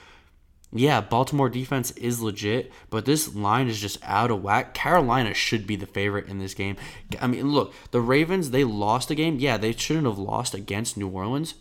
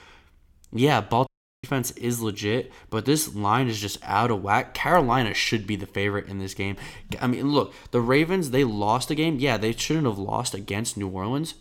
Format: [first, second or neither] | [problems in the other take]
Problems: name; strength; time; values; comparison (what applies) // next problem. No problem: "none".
first | audio cutting out; at 1.5 s